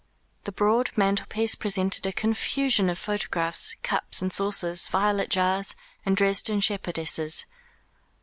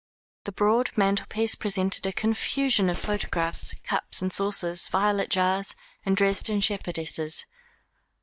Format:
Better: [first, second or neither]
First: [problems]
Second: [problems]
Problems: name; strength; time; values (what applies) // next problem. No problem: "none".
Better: first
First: none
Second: noise reduction (neural mask model DeepFilterNet 3)